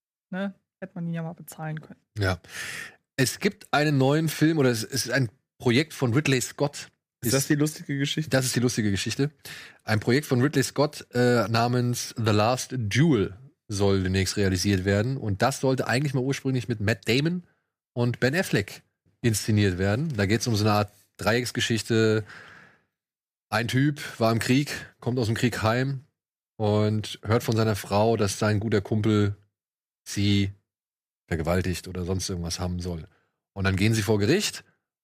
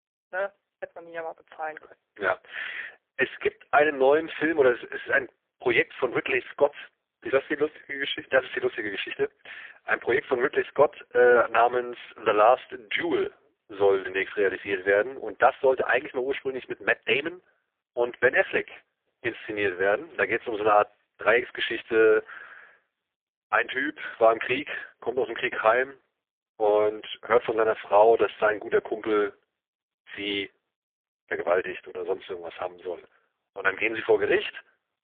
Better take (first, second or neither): first